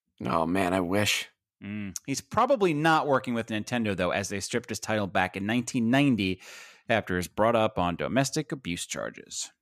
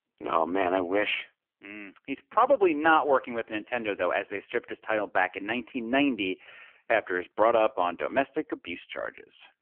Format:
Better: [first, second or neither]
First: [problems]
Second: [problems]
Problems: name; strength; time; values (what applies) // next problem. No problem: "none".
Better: first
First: none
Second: phone-call audio; poor line; nothing above 3 kHz